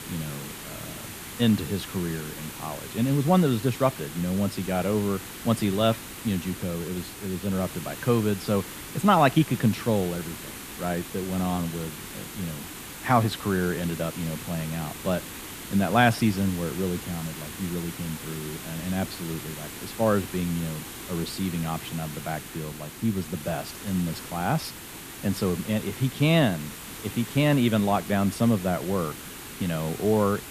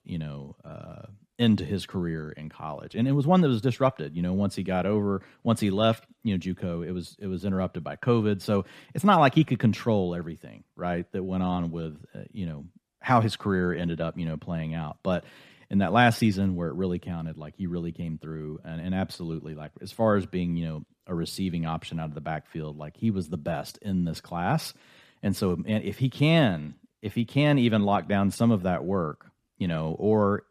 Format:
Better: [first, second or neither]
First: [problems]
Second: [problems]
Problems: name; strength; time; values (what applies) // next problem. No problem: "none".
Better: second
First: hiss; noticeable; throughout; 10 dB below the speech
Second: none